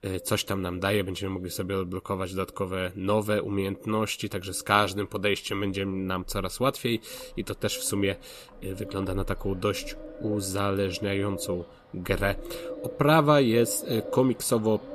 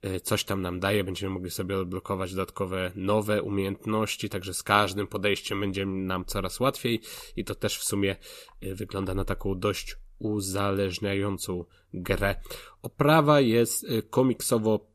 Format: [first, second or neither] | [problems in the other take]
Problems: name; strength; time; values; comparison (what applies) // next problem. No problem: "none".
second | animal sounds; noticeable; throughout; 15 dB below the speech